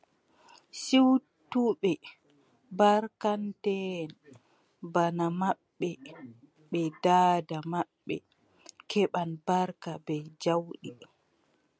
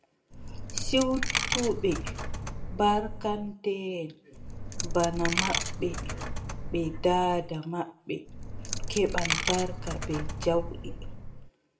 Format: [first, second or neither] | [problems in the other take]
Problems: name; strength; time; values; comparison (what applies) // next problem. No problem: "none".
first | background sound (Coin (dropping)); 2 dB below the speech // room echo; dies away in 0.4 s